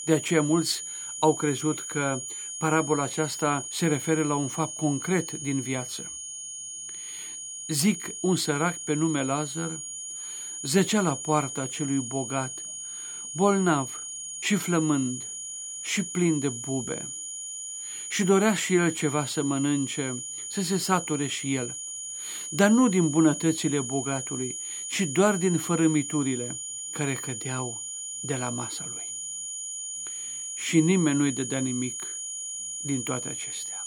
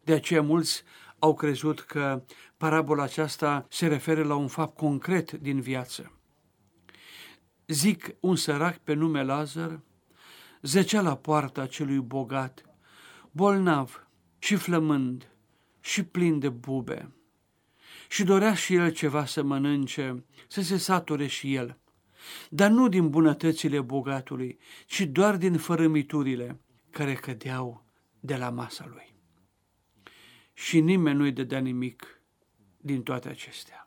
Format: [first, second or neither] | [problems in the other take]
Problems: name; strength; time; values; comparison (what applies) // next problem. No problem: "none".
second | high-pitched whine; loud; throughout; 7 kHz, 6 dB below the speech